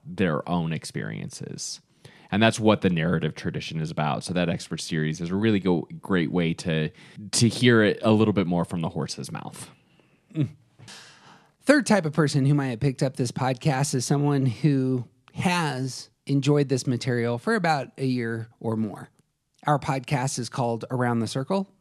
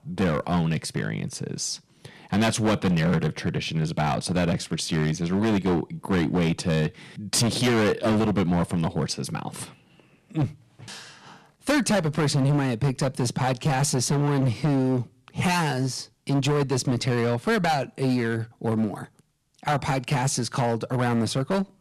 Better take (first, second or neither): first